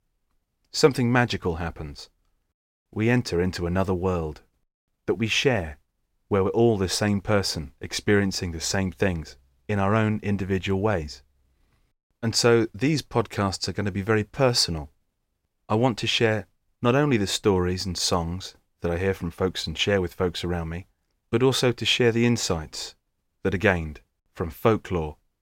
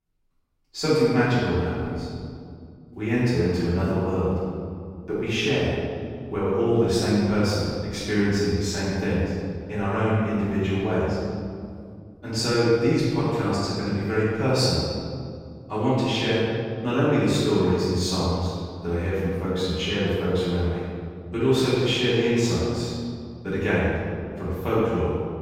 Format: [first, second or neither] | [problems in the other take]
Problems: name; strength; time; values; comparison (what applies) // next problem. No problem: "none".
first | off-mic speech; far // room echo; strong; dies away in 2.3 s